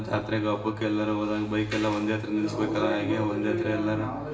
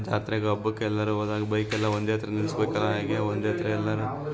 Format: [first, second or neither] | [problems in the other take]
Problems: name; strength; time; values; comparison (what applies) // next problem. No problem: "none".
second | room echo; dies away in 1 s